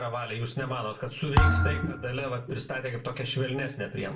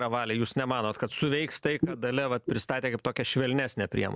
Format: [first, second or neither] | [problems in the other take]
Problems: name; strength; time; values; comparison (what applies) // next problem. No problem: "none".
second | background sound (Thump, thud); 5 dB above the speech // room echo; dies away in 0.3 s